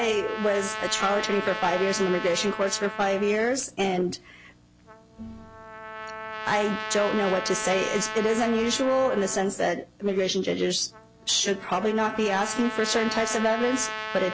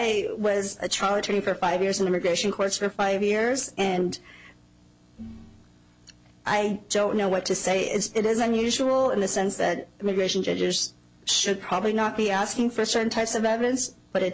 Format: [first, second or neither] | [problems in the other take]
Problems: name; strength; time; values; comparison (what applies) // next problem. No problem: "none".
second | background sound (Trumpet); 9 dB below the speech